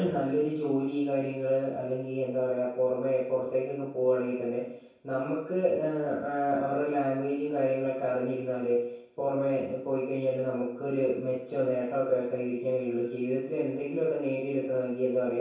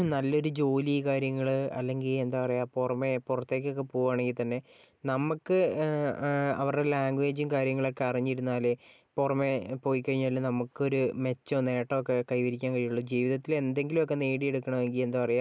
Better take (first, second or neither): second